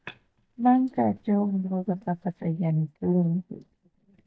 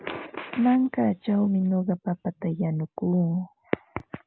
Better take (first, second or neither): second